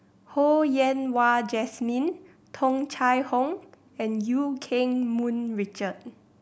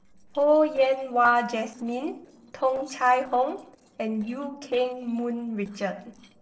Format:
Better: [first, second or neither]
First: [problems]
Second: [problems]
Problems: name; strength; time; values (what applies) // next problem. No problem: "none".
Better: first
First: none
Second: noise reduction (neural separator model SepFormer DNS4)